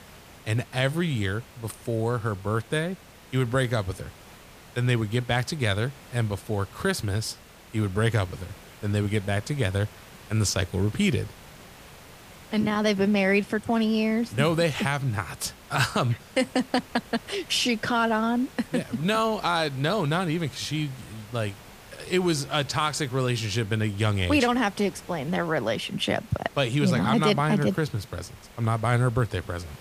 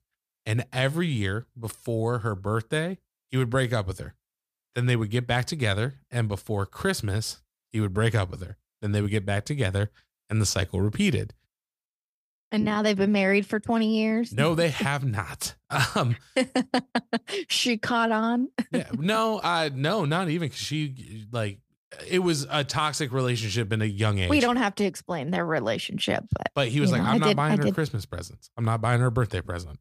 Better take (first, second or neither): second